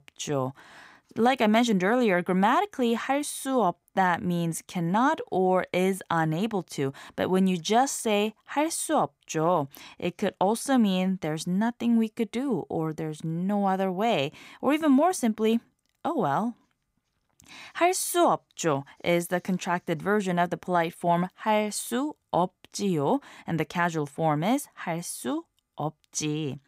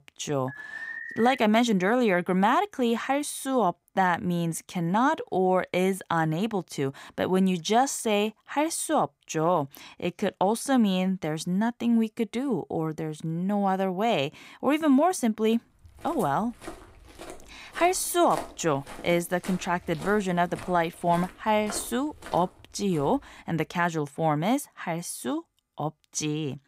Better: first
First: none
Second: alarm; noticeable; at 0.5 s; peak 9 dB below the speech // footsteps; faint; from 16 to 23 s; peak 10 dB below the speech

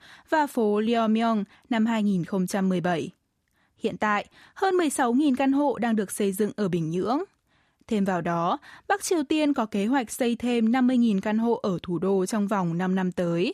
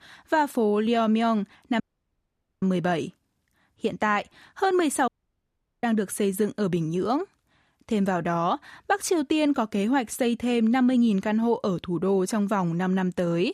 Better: first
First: none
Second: audio cutting out; at 2 s for 1 s and at 5 s for 1 s

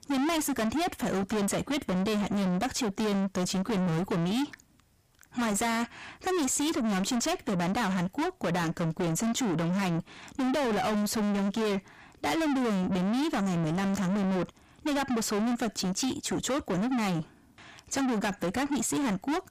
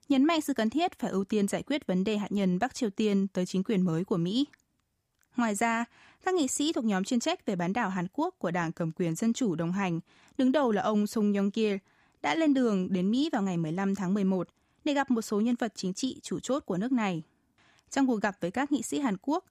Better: second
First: distortion; heavy; 6 dB below the speech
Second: none

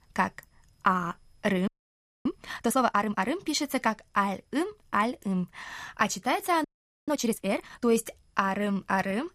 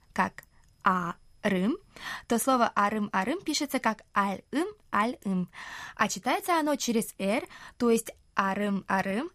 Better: second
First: audio freezing; at 1.5 s for 0.5 s and at 6.5 s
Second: none

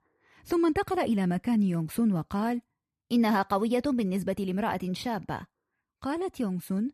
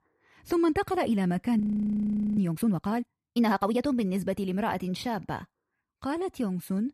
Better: first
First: none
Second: audio freezing; at 1.5 s for 1 s

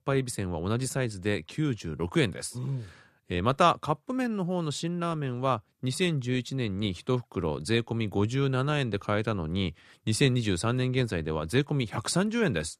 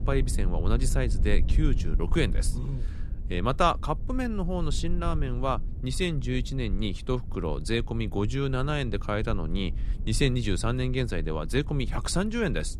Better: first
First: none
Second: low rumble; noticeable; throughout; 20 dB below the speech

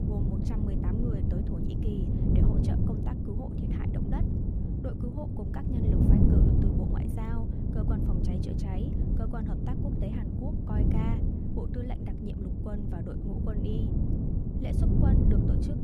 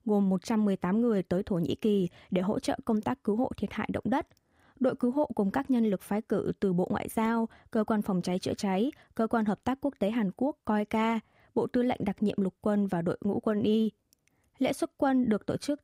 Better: second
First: wind noise on the microphone; heavy; 5 dB above the speech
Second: none

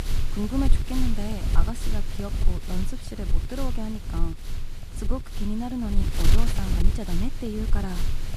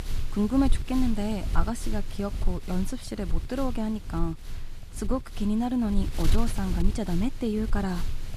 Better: second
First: wind noise on the microphone; heavy; 3 dB below the speech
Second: wind noise on the microphone; occasional gusts; 10 dB below the speech

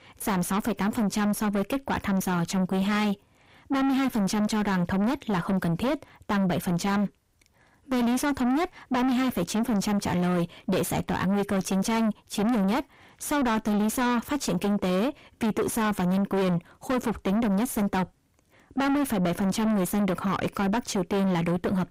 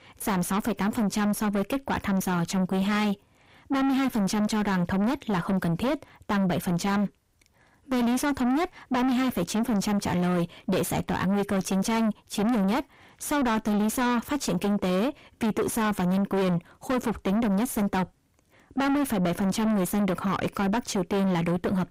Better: neither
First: distortion; heavy; 6 dB below the speech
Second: distortion; heavy; 6 dB below the speech

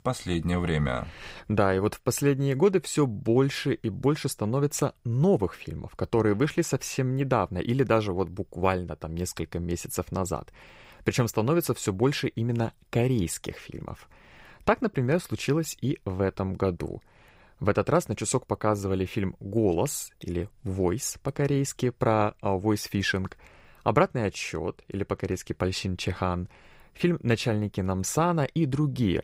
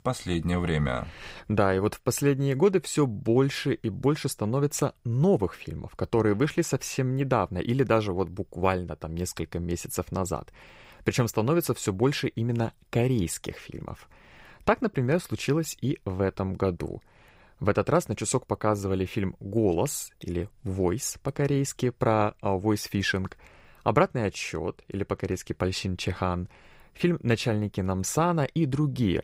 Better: neither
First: none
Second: none

